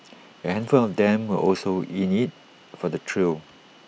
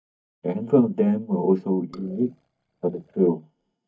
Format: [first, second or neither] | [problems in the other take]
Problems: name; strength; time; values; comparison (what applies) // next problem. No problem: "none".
first | noise reduction (neural mask model DeepFilterNet 3)